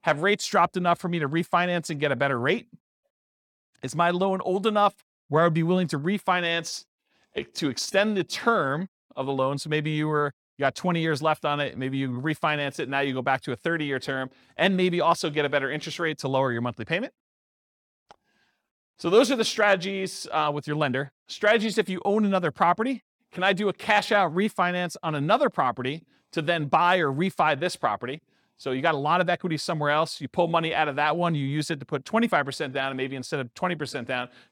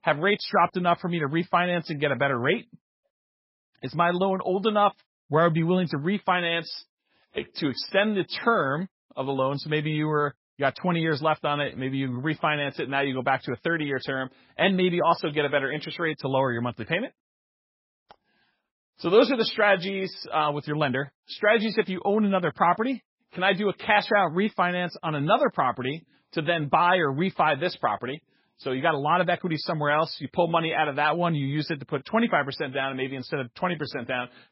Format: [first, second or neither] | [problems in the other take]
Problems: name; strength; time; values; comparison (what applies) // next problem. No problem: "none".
first | garbled, watery; badly; nothing above 5.5 kHz